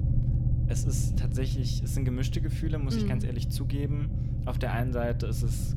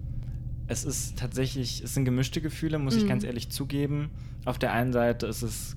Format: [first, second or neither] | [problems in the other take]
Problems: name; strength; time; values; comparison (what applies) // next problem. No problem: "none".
second | low rumble; loud; throughout; 5 dB below the speech; faint in the second